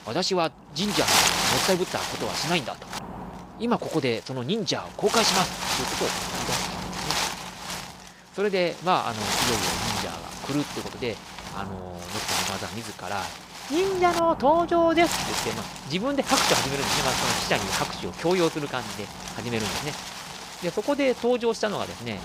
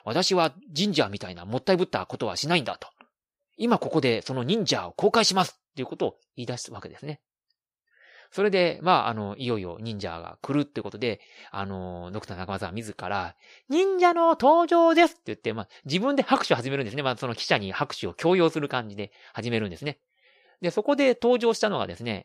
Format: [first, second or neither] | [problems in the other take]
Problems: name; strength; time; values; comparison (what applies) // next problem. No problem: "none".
second | wind noise on the microphone; heavy; 1 dB below the speech